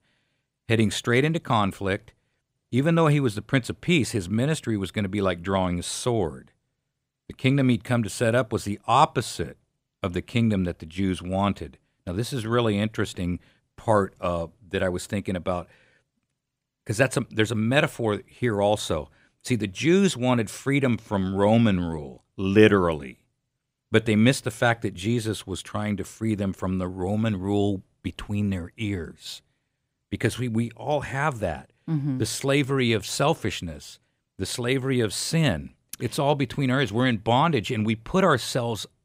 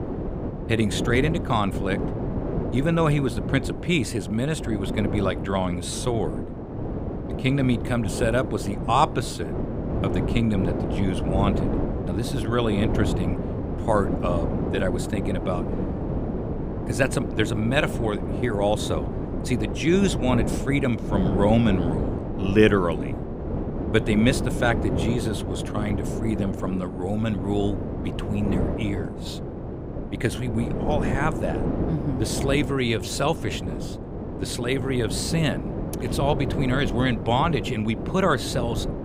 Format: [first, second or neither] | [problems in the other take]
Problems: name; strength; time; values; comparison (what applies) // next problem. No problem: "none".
first | wind noise on the microphone; heavy; 6 dB below the speech